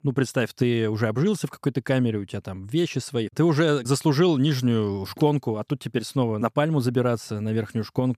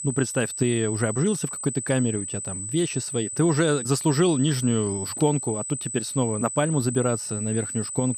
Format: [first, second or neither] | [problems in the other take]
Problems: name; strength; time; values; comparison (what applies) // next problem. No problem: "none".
first | high-pitched whine; loud; throughout; 8 kHz, 5 dB below the speech